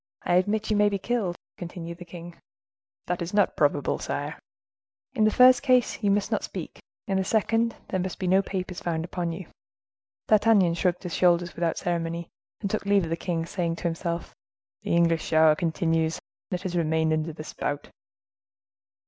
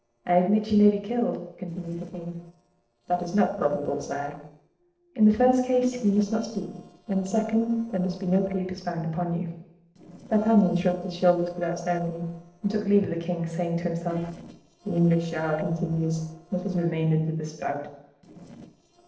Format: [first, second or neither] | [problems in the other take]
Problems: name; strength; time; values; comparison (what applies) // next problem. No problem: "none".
first | noise reduction (neural separator model SepFormer DNS4)